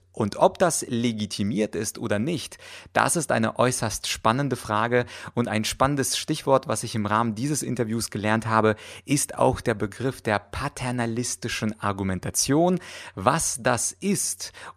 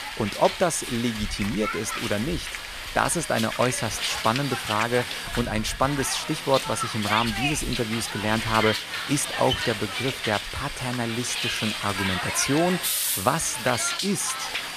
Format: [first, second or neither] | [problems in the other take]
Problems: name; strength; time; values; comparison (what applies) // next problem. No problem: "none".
first | hiss; loud; throughout; 2 dB below the speech